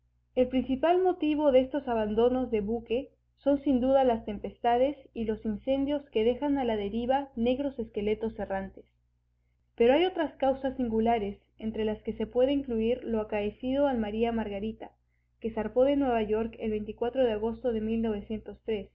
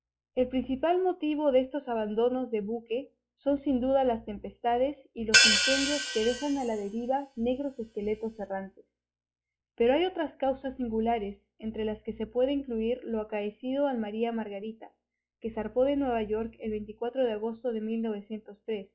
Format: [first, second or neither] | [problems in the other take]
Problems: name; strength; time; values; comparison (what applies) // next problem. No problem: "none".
first | noise reduction (classical method log-MMSE)